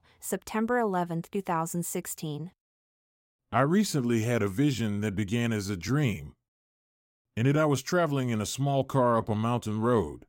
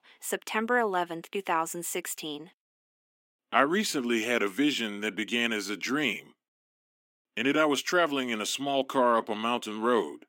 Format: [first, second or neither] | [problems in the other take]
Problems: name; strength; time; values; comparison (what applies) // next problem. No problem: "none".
first | thin; very slightly; fading below 250 Hz